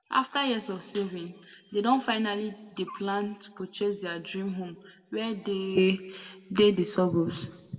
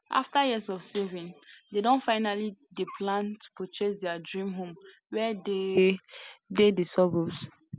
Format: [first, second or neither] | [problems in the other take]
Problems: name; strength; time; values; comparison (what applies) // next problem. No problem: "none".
second | room echo; dies away in 0.9 s